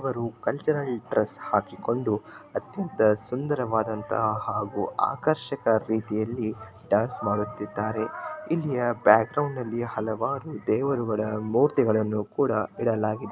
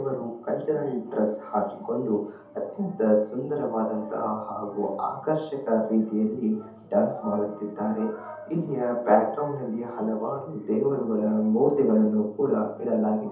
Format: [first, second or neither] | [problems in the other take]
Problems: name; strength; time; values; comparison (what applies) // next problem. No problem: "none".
first | background sound (Wind instrument, woodwind instrument); 16 dB below the speech // room echo; dies away in 0.6 s